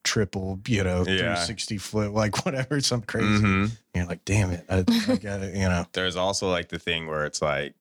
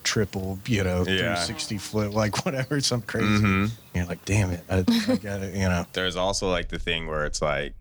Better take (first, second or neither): first